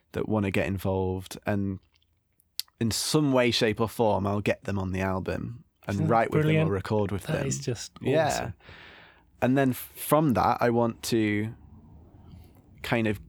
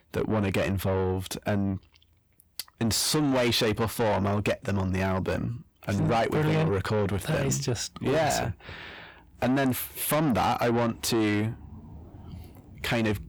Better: first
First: none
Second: distortion; heavy; 7 dB below the speech

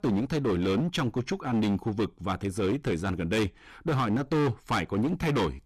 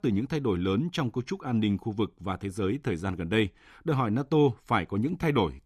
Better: second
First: distortion; heavy; 20% of the sound clipped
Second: none

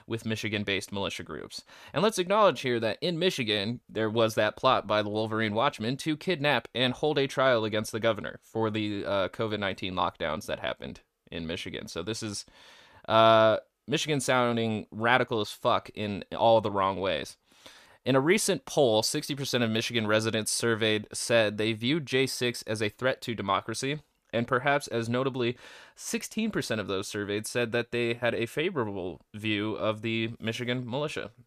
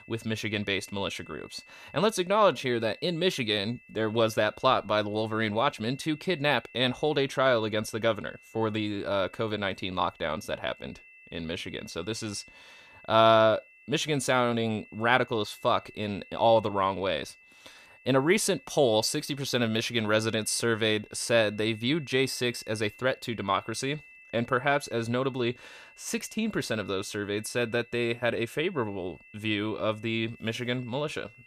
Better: first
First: none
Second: high-pitched whine; faint; throughout; 2.5 kHz, 25 dB below the speech

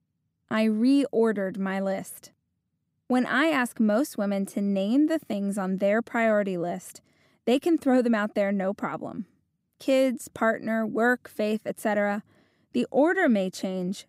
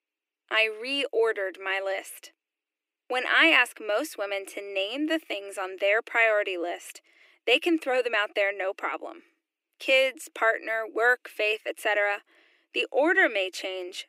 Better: first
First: none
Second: thin; very; fading below 300 Hz

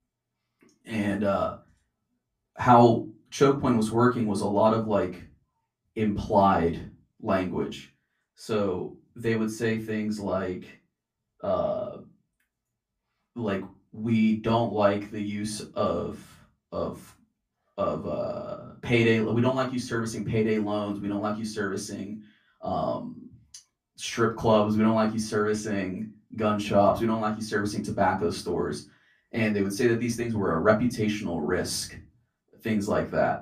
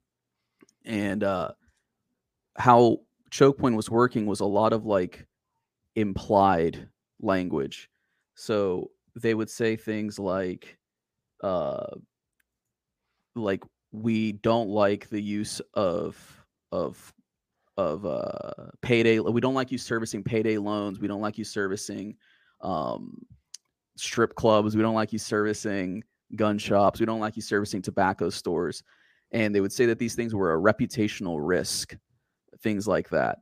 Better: second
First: off-mic speech; far // room echo; very slight; dies away in 0.2 s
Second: none

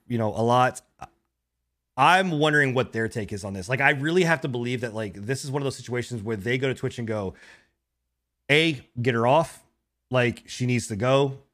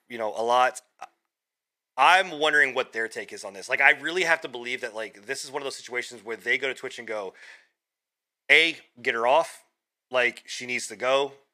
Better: first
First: none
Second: thin; very; fading below 550 Hz

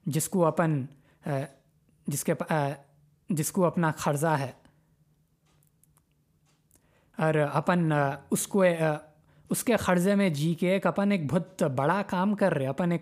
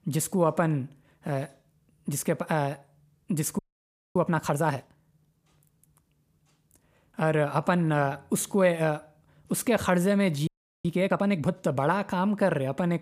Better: first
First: none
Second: audio freezing; at 3.5 s for 0.5 s and at 10 s

